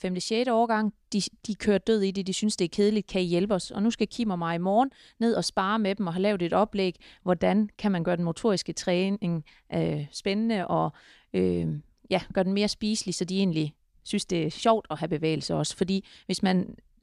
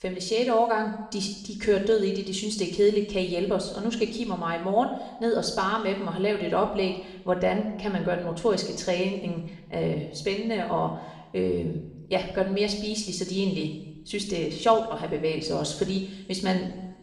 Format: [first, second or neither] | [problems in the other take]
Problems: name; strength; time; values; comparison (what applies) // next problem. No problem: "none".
first | room echo; slight; dies away in 0.9 s // off-mic speech; somewhat distant